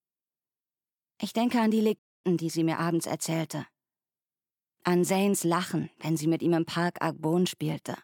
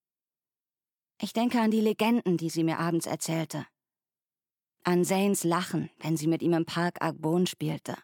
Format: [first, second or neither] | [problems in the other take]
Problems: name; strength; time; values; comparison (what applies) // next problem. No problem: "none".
second | audio cutting out; at 2 s